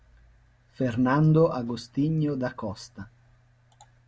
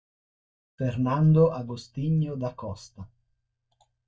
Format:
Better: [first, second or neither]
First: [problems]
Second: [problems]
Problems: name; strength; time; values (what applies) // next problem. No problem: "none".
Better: first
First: none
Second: noise reduction (neural mask model DeepFilterNet 3)